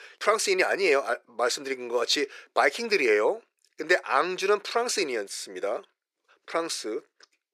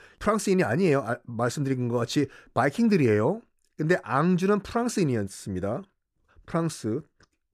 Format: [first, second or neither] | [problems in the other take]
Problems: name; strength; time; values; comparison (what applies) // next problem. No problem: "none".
second | thin; very; fading below 400 Hz